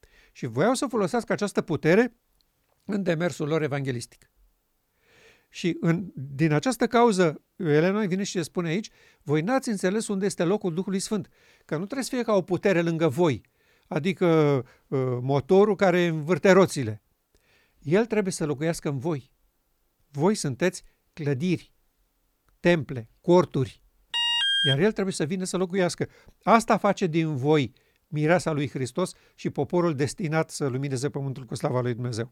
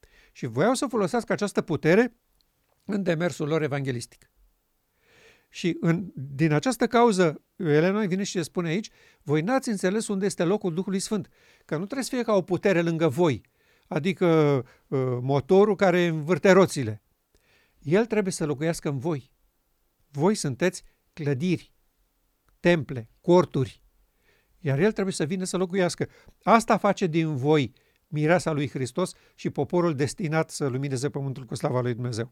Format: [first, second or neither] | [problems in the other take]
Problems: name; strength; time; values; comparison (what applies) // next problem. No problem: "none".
second | alarm; loud; at 24 s; peak 4 dB above the speech